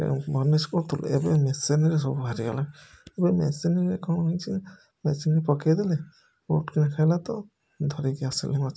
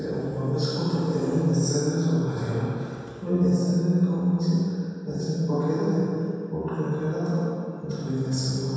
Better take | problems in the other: first | room echo; dies away in 2.1 s

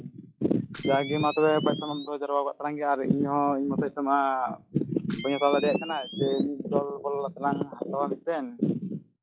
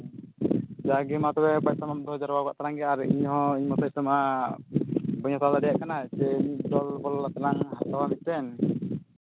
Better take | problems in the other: second | noise reduction (classical method log-MMSE)

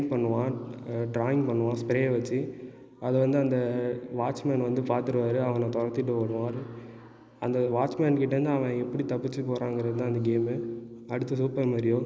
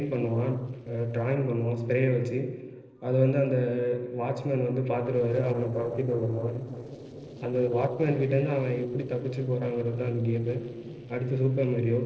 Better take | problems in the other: first | noise reduction (neural separator model SepFormer DNS4)

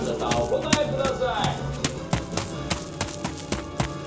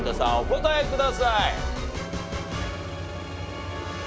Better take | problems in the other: second | background sound (Run); 3 dB below the speech // room echo; dies away in 0.7 s

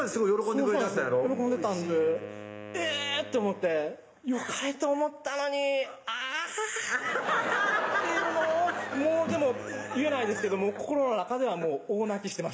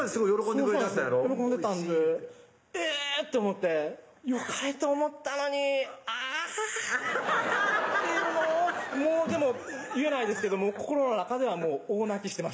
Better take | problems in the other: second | background sound (Wind instrument, woodwind instrument); 18 dB below the speech

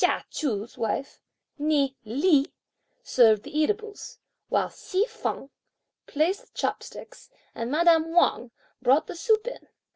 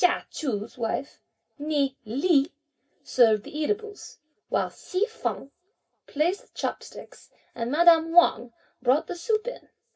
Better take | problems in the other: first | room echo; dies away in 0.4 s

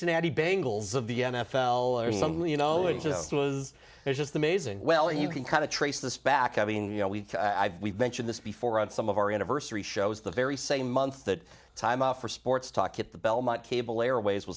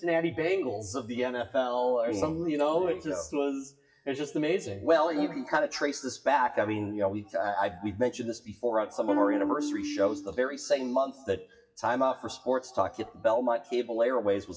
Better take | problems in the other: first | noise reduction (classical method WPE with log-MMSE)

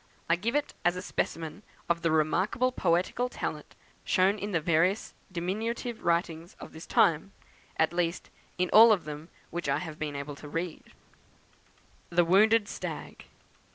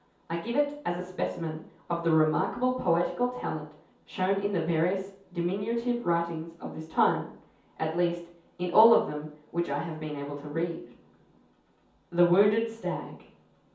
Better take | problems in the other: first | room echo; dies away in 0.6 s

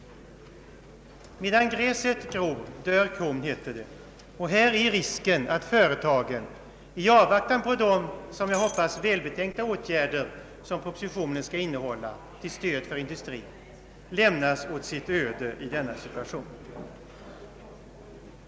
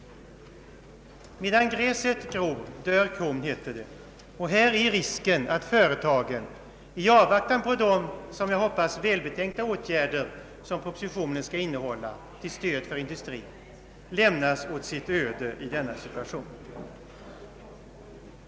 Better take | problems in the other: second | background sound (Shatter); 15 dB below the speech

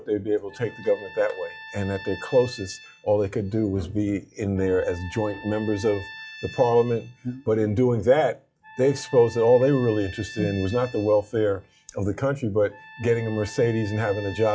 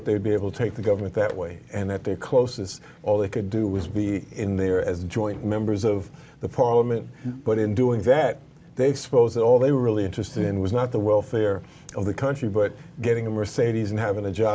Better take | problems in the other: second | noise reduction (classical method log-MMSE)

